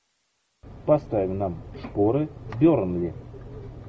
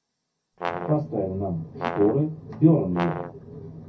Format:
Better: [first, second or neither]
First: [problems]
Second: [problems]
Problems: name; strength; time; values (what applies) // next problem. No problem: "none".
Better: first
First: none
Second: background sound (Brass instrument); 9 dB below the speech // room echo; dies away in 0.3 s